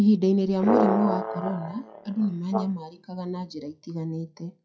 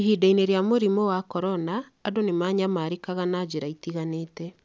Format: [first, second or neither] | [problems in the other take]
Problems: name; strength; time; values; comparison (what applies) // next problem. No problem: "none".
second | noise reduction (classical method WPE with log-MMSE)